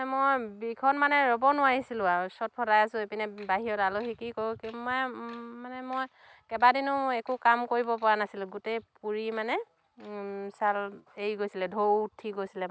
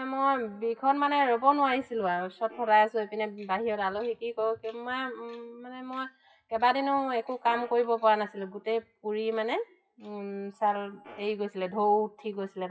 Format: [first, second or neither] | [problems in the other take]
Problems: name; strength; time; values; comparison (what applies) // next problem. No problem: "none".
first | noise reduction (classical method WPE with log-MMSE)